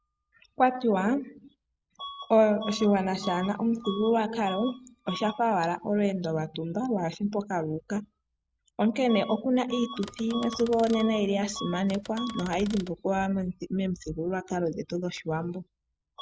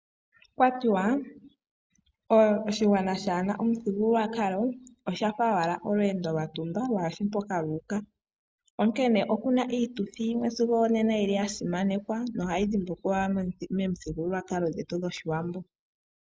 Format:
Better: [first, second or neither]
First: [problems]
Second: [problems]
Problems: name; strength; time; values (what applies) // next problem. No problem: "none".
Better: second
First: background sound (Typewriter + Bus / Alarm); 17 dB below the speech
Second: none